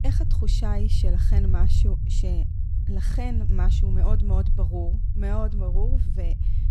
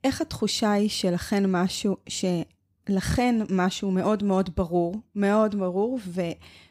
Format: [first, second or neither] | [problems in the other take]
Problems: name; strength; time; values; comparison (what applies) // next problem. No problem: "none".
second | low rumble; loud; throughout; 4 dB below the speech